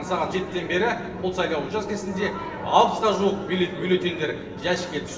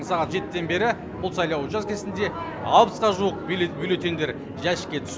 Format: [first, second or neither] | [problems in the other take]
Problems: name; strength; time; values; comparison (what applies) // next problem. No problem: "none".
second | room echo; dies away in 1.1 s